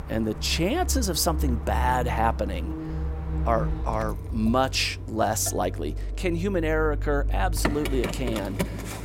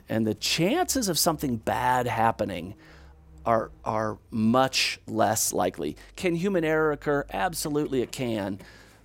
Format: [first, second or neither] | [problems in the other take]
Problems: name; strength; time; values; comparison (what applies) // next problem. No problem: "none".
second | traffic noise; loud; throughout; 4 dB below the speech; faint in the second